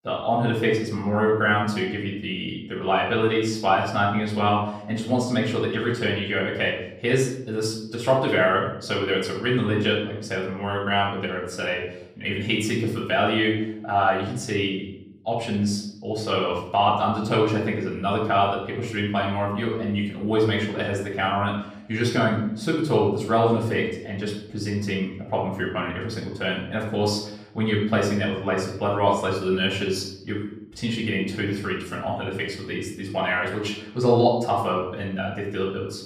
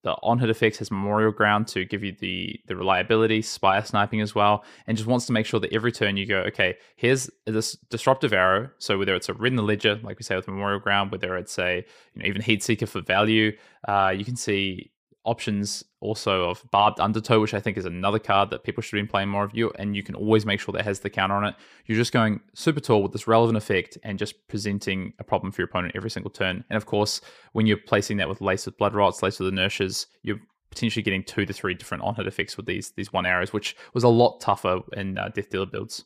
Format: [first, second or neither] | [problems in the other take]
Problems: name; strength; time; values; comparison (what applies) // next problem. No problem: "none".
second | off-mic speech; far // room echo; noticeable; dies away in 0.7 s